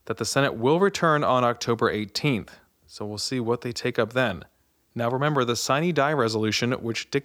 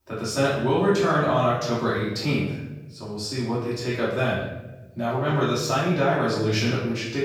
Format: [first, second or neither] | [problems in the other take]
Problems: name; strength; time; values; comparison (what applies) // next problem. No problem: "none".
first | off-mic speech; far // room echo; noticeable; dies away in 0.9 s